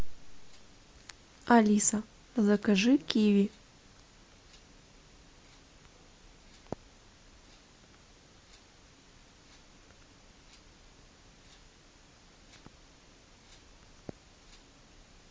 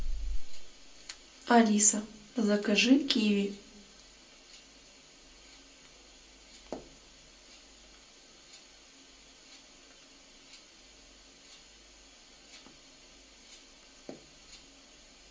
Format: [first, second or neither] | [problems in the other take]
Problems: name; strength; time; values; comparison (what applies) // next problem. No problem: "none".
first | room echo; dies away in 0.2 s